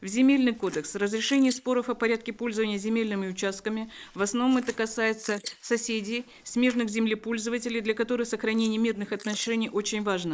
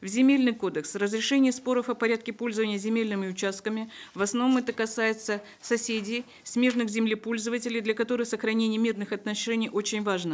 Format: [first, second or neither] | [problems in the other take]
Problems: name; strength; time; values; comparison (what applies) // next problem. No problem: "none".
second | noise reduction (neural mask model Resemble Enhance denoiser)